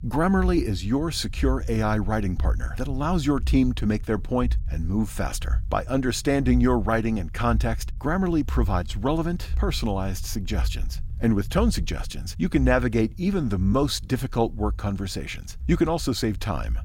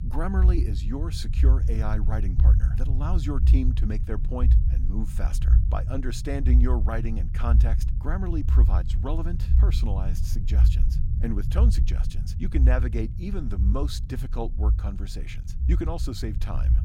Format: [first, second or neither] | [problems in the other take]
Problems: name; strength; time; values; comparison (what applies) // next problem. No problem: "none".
first | low rumble; loud; throughout; 6 dB below the speech; faint in the first